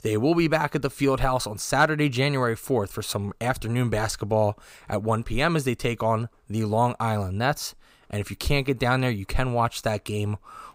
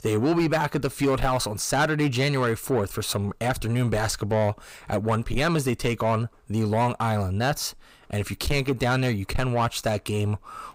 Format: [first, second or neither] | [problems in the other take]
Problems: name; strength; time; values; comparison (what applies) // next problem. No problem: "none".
first | distortion; slight; 10 dB below the speech